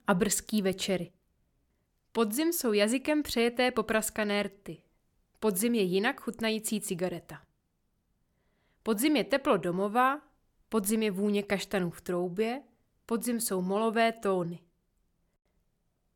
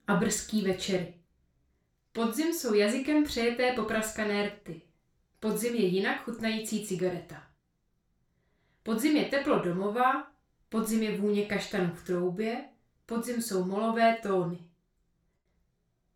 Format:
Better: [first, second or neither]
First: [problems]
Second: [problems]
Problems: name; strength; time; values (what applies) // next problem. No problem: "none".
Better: first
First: none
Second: room echo; noticeable; dies away in 0.3 s // off-mic speech; far